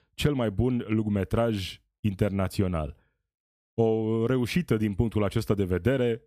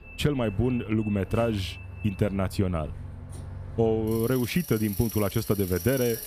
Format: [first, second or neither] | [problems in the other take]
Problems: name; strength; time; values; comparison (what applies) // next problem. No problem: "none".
first | traffic noise; noticeable; throughout; 10 dB below the speech